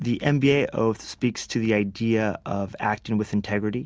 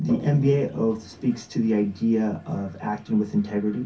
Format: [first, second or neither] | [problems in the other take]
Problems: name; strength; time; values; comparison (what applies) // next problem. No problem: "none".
first | background sound (Toilet flush); 18 dB below the speech // room echo; dies away in 0.3 s